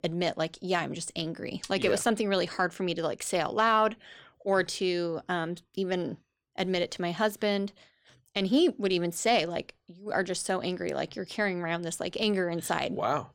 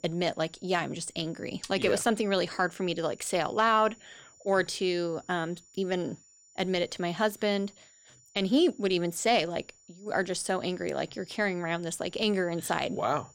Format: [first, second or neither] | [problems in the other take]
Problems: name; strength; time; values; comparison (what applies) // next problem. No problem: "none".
first | high-pitched whine; faint; throughout; 7 kHz, 25 dB below the speech